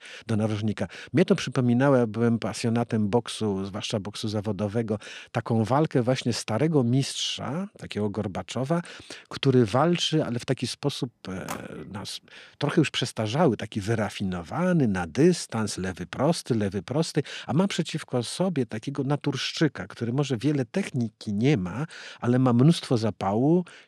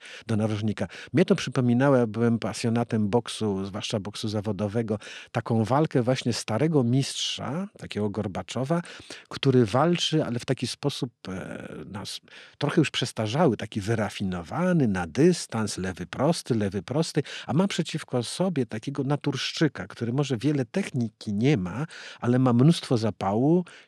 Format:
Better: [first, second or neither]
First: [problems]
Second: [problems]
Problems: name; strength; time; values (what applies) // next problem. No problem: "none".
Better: second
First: phone ringing; faint; at 11 s; peak 15 dB below the speech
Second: none